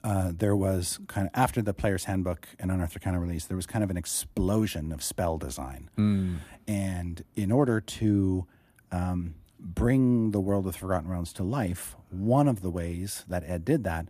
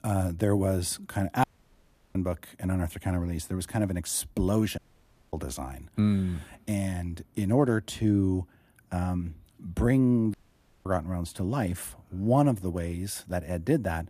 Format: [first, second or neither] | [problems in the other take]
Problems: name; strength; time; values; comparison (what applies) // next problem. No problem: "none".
first | audio cutting out; at 1.5 s for 0.5 s, at 5 s for 0.5 s and at 10 s for 0.5 s